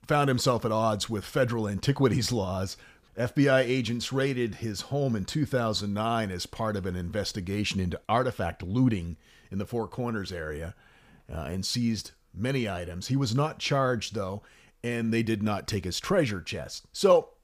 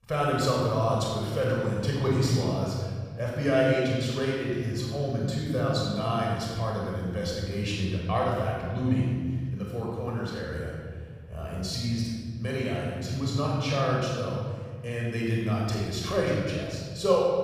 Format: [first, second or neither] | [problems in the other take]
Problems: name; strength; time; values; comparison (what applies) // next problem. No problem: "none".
first | off-mic speech; far // room echo; strong; dies away in 1.9 s